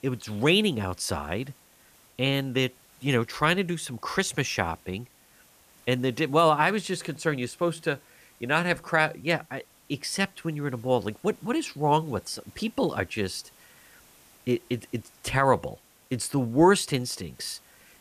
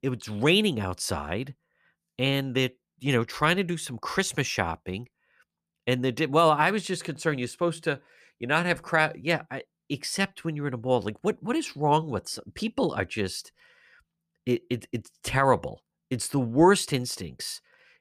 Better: second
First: hiss; faint; throughout; 30 dB below the speech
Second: none

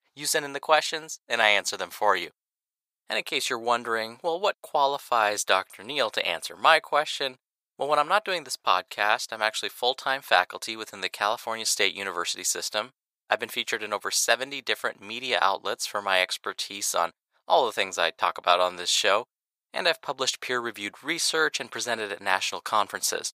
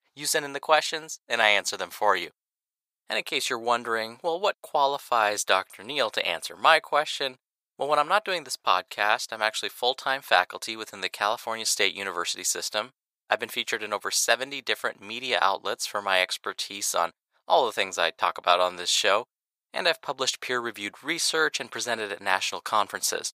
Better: neither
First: thin; very; fading below 850 Hz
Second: thin; very; fading below 850 Hz

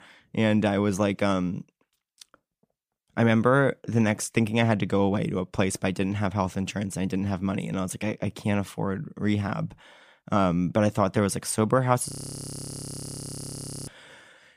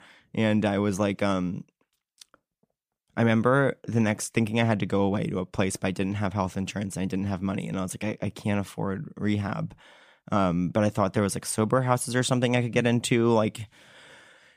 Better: second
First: audio freezing; at 12 s for 2 s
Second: none

